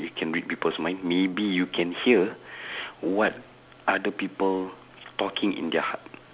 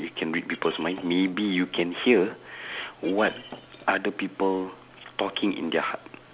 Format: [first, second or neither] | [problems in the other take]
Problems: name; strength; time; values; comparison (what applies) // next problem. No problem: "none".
first | background sound (Shatter); 19 dB below the speech